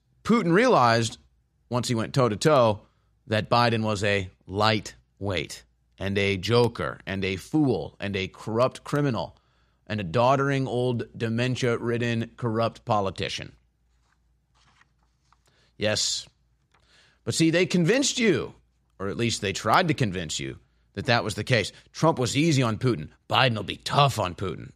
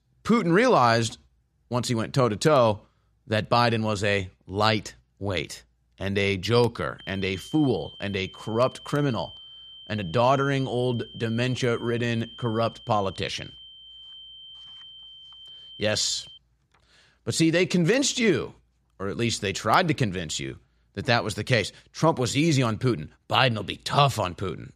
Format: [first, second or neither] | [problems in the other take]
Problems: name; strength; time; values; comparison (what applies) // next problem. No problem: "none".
first | high-pitched whine; noticeable; from 7 to 16 s; 3 kHz, 20 dB below the speech